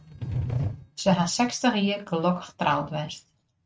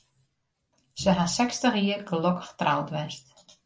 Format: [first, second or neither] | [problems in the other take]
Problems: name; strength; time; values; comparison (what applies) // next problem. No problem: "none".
second | noise reduction (neural mask model RNNoise)